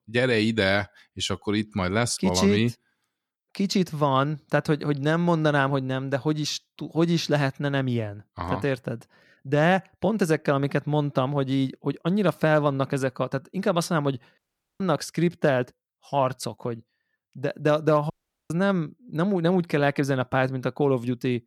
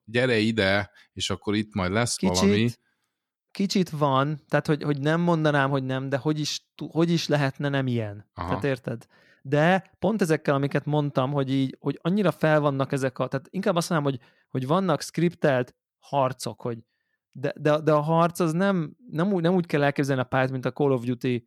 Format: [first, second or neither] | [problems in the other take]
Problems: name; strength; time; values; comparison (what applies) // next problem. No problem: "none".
second | audio cutting out; at 14 s and at 18 s